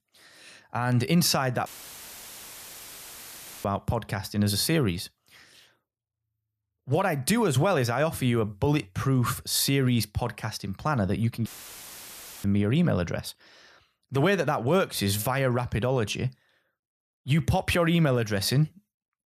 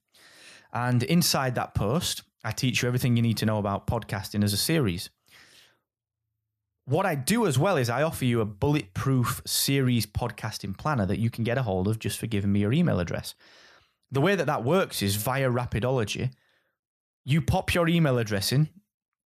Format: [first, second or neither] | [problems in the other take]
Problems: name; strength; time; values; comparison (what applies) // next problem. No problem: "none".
second | audio cutting out; filled with static; at 1.5 s for 2 s and at 11 s for 1 s